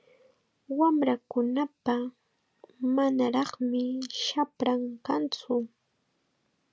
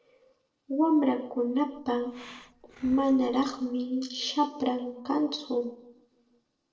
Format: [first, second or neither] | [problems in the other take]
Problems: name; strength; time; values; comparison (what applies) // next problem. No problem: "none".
first | noise reduction (neural separator model SepFormer DNS4)